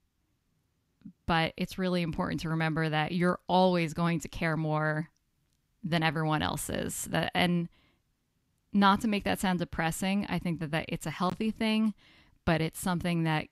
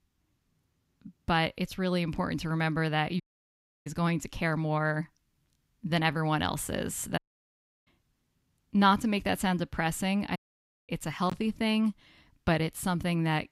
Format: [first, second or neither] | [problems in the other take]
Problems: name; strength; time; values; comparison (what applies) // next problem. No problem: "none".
first | audio cutting out; at 3 s for 0.5 s, at 7 s for 0.5 s and at 10 s for 0.5 s